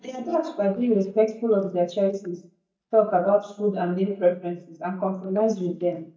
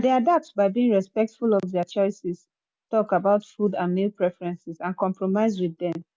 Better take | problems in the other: second | noise reduction (neural mask model DeepFilterNet 3)

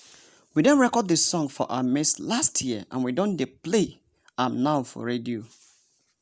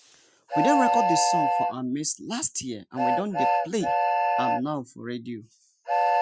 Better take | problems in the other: first | noise reduction (classical method Wiener filter)

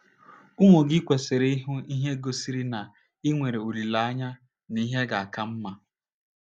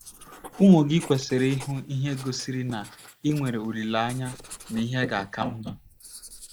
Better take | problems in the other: first | noise reduction (neural mask model Resemble Enhance denoiser)

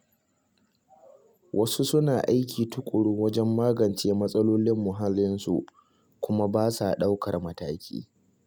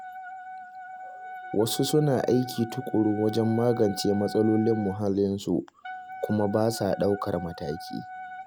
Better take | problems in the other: first | background sound (Wind instrument, woodwind instrument); 13 dB below the speech

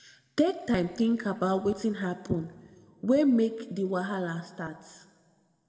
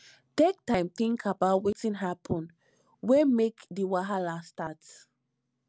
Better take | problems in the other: second | room echo; dies away in 1.2 s

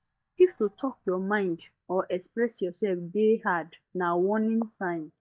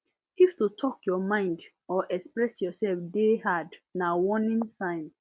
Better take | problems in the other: second | noise reduction (neural mask model DeepFilterNet 3)

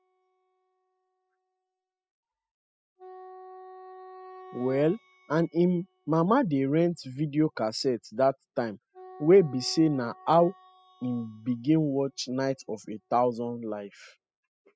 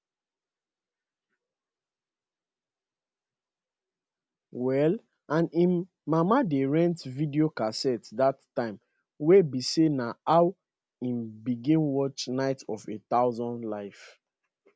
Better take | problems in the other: second | noise reduction (classical method spectral subtraction)

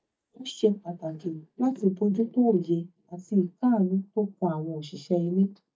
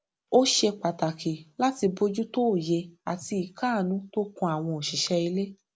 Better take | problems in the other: second | noise reduction (neural mask model DeepFilterNet 3)

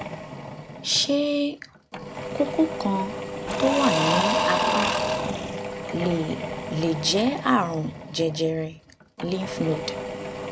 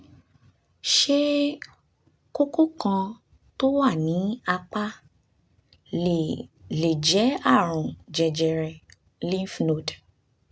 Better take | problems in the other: second | background sound (Engine / Drill / Mechanisms); 2 dB below the speech

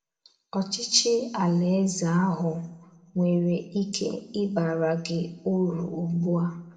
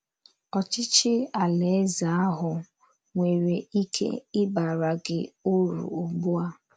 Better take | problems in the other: second | room echo; dies away in 0.6 s

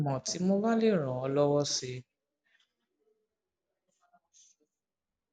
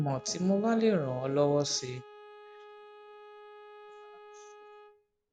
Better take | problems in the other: first | background sound (Bowed string instrument); 18 dB below the speech

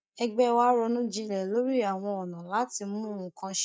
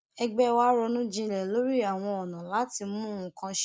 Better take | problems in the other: second | noise reduction (neural mask model DeepFilterNet 3)

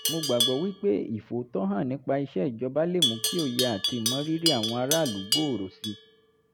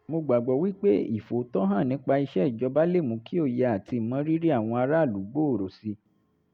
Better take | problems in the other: second | background sound (Livestock, farm animals, working animals); 3 dB below the speech

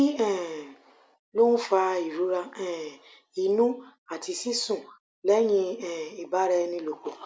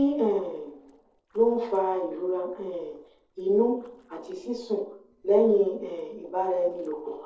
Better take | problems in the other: first | noise reduction (neural separator model SepFormer DNS4)

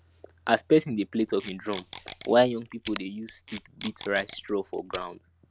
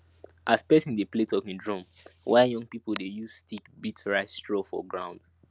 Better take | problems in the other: second | background sound (Packing tape, duct tape); 17 dB below the speech

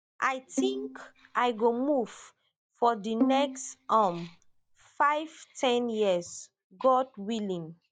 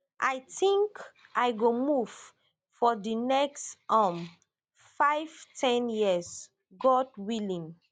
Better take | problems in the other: second | noise reduction (neural mask model DeepFilterNet 3)

